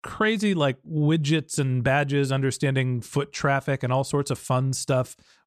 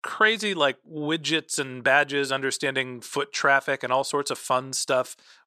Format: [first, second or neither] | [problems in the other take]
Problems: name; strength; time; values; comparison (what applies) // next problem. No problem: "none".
first | thin; very; fading below 400 Hz